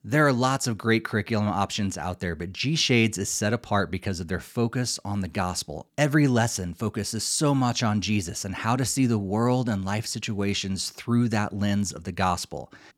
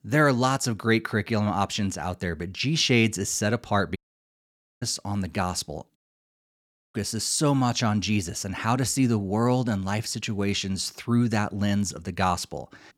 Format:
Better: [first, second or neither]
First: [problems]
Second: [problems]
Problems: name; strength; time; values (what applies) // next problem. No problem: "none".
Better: first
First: none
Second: audio cutting out; at 4 s for 1 s and at 6 s for 1 s